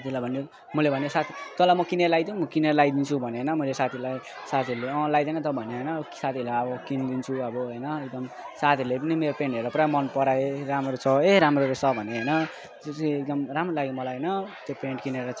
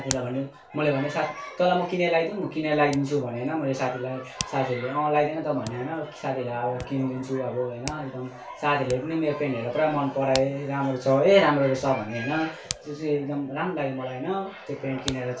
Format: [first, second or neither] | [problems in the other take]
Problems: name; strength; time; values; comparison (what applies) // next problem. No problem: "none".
first | background sound (Hands); 17 dB below the speech // room echo; dies away in 0.2 s